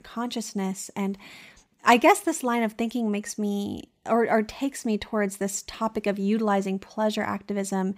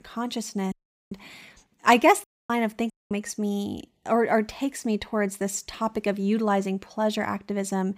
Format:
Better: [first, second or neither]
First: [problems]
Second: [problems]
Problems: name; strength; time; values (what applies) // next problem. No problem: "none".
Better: first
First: none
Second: audio cutting out; at 0.5 s, at 2 s and at 3 s